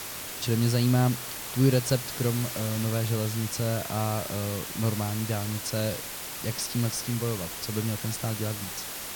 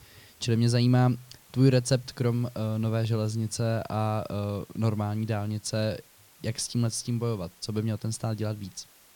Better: second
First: hiss; loud; throughout; 5 dB below the speech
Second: hiss; faint; throughout; 25 dB below the speech

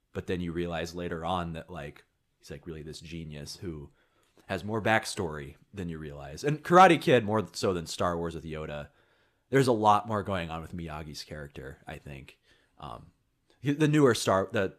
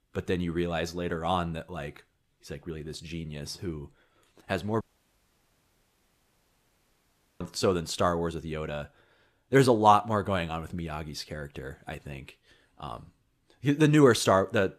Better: first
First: none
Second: audio cutting out; at 5 s for 2.5 s

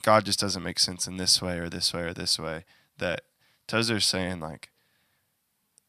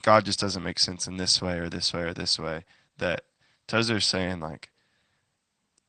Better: first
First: none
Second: garbled, watery; slightly; nothing above 8.5 kHz

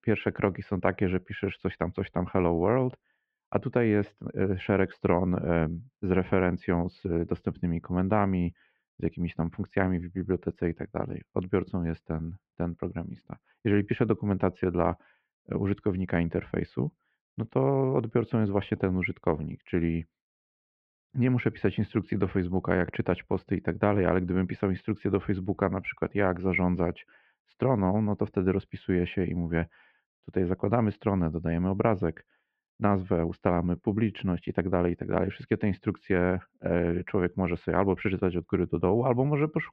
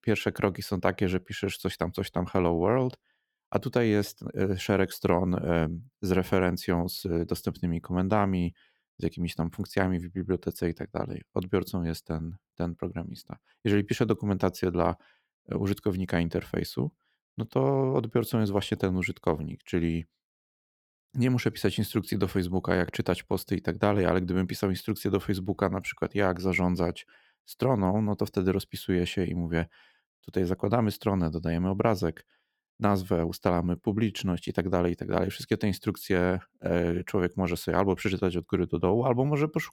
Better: second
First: muffled; very; fading above 2.5 kHz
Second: none

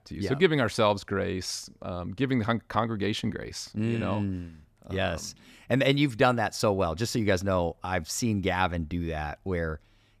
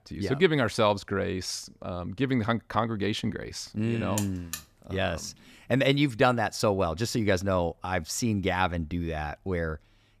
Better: first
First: none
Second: alarm; noticeable; at 4 s; peak 7 dB below the speech

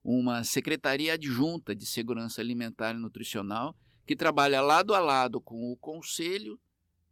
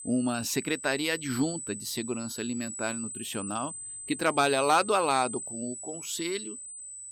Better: first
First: none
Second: high-pitched whine; loud; throughout; 8 kHz, 8 dB below the speech

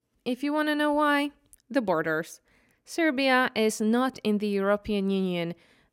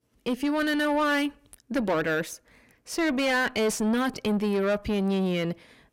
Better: first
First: none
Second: distortion; heavy; 6 dB below the speech

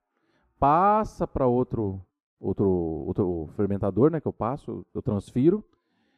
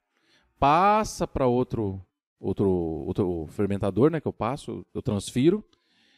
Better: second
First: muffled; very; fading above 1.5 kHz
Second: none

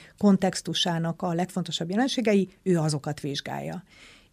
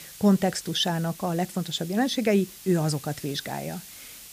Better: first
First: none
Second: hiss; noticeable; throughout; 15 dB below the speech

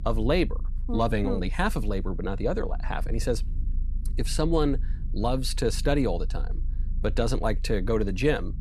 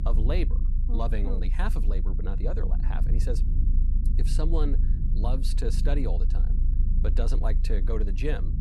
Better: first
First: low rumble; faint; throughout; 25 dB below the speech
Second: low rumble; loud; throughout; 9 dB below the speech

